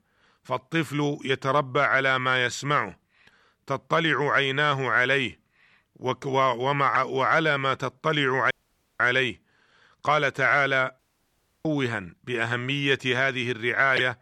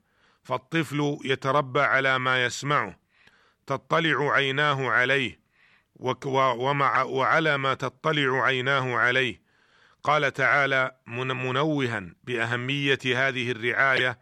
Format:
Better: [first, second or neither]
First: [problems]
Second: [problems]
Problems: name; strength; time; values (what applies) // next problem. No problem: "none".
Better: second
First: audio cutting out; at 8.5 s and at 11 s for 0.5 s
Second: none